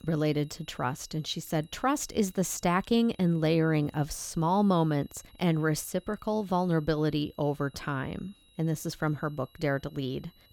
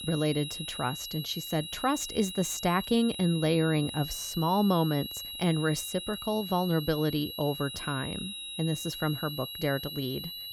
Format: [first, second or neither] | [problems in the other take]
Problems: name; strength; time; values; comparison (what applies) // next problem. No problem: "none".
first | high-pitched whine; loud; throughout; 4 kHz, 7 dB below the speech; faint in the first